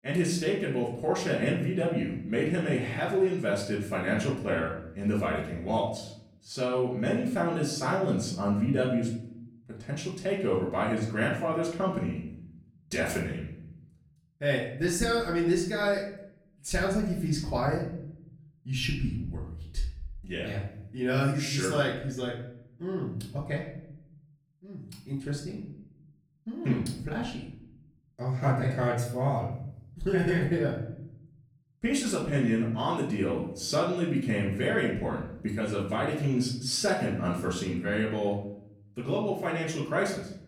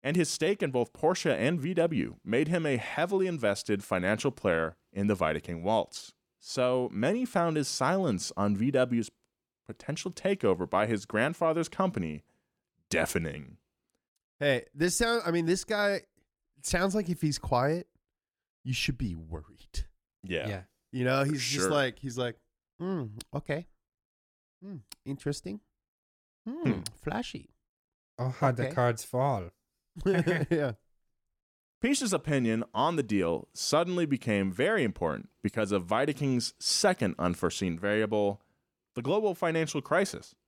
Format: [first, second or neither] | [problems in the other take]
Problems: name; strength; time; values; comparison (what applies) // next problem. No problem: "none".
second | off-mic speech; far // room echo; slight; dies away in 0.8 s